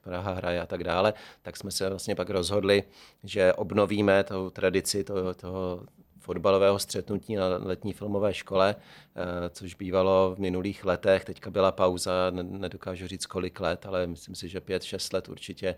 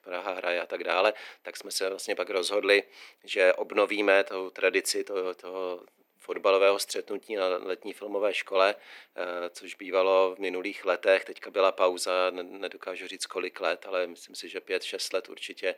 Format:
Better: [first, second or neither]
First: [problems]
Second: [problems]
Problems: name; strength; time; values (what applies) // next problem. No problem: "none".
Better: first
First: none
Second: thin; somewhat; fading below 300 Hz